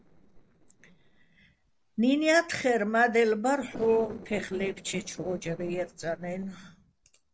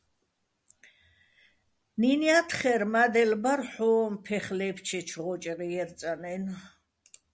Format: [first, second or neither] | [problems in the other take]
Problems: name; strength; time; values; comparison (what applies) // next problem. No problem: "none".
second | noise reduction (neural separator model SepFormer DNS4)